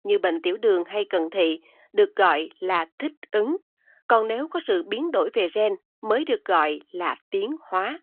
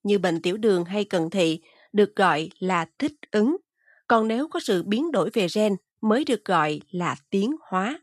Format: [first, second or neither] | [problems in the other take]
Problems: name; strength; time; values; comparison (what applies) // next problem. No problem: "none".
second | phone-call audio